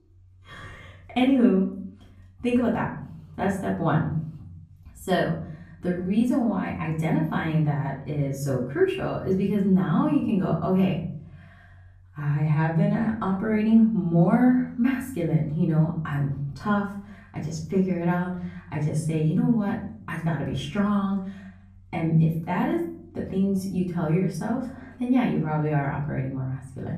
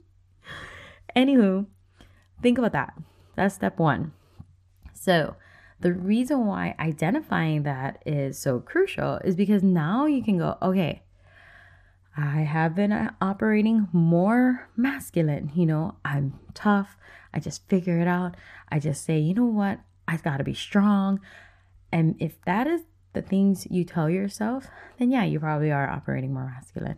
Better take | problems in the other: second | off-mic speech; far // room echo; slight; dies away in 0.7 s

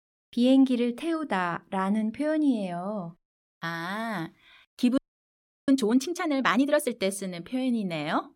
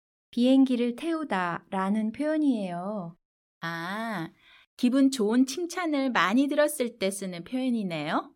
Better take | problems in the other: second | audio freezing; at 5 s for 0.5 s

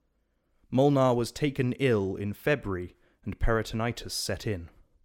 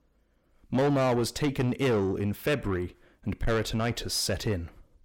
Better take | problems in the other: first | distortion; heavy; 8 dB below the speech

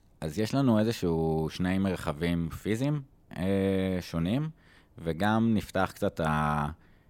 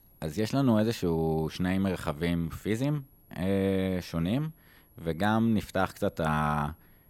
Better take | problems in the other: first | high-pitched whine; faint; throughout; 11.5 kHz, 30 dB below the speech

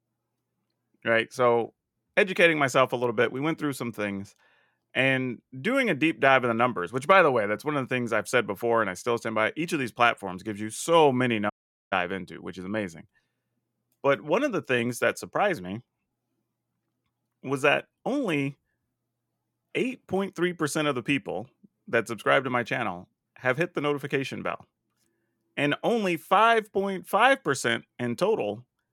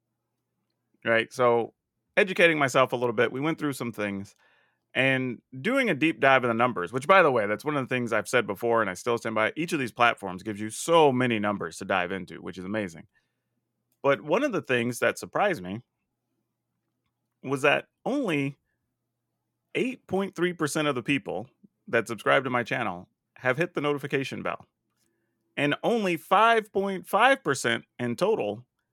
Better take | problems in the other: second | audio cutting out; at 12 s

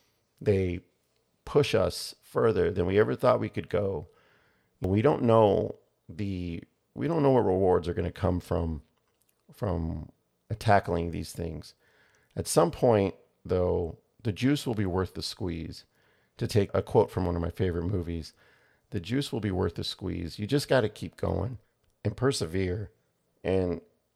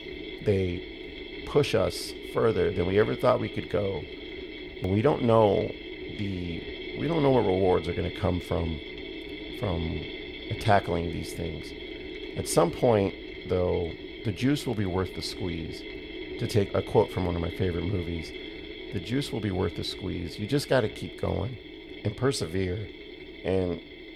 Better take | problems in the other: first | machinery noise; noticeable; throughout; 10 dB below the speech

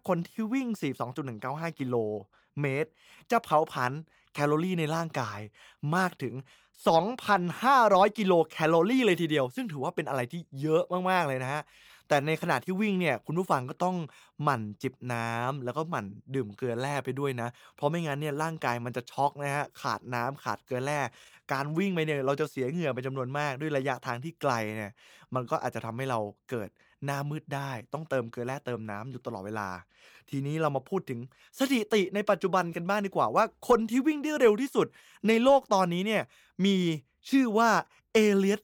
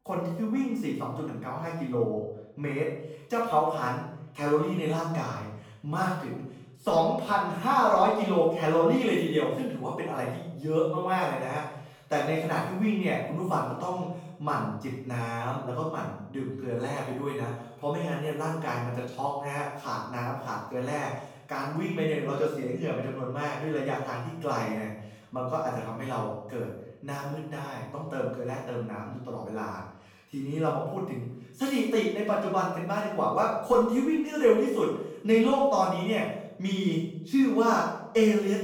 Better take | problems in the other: first | room echo; noticeable; dies away in 0.7 s // off-mic speech; far

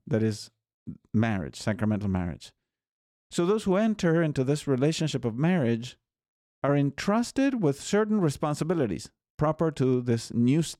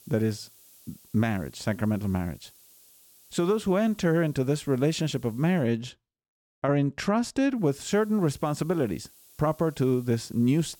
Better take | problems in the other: first | hiss; faint; until 5.5 s and from 7.5 s on; 25 dB below the speech

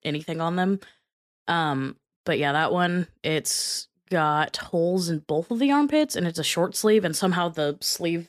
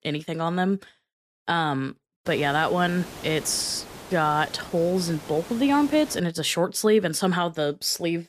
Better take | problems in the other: first | hiss; noticeable; from 2.5 to 6 s; 15 dB below the speech

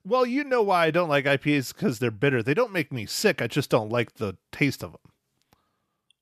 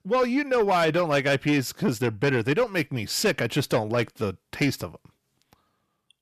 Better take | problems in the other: first | distortion; slight; 10 dB below the speech

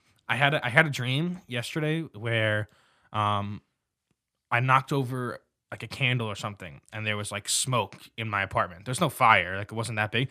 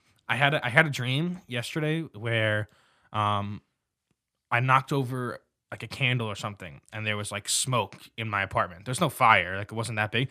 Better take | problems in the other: neither | none

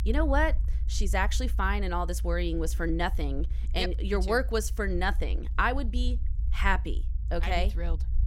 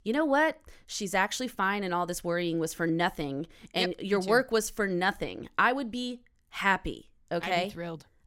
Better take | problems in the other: second | low rumble; faint; throughout; 20 dB below the speech

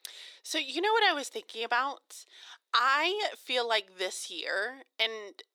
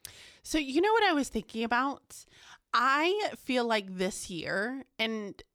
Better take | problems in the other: second | thin; very; fading below 400 Hz

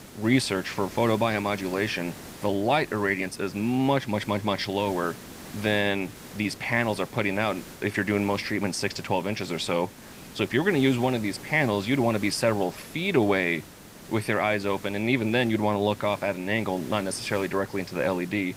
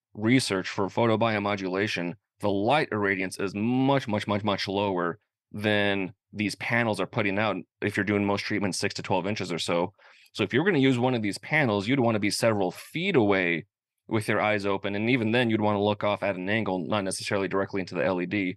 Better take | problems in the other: second | hiss; noticeable; throughout; 15 dB below the speech

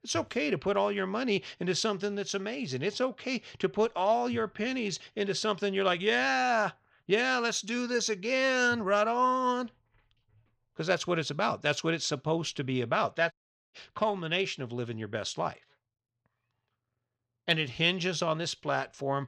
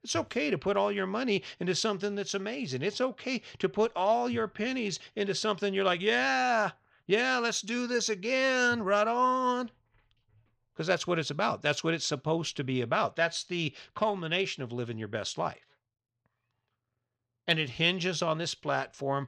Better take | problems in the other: second | audio cutting out; at 13 s

